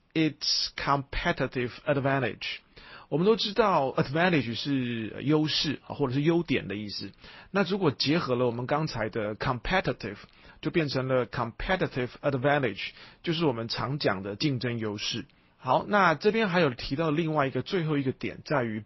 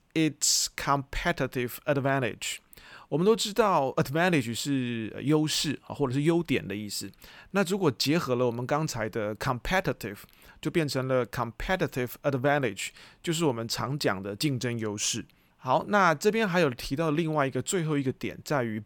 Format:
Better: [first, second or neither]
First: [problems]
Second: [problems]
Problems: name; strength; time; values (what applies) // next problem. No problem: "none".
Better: second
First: garbled, watery; slightly; nothing above 5.5 kHz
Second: none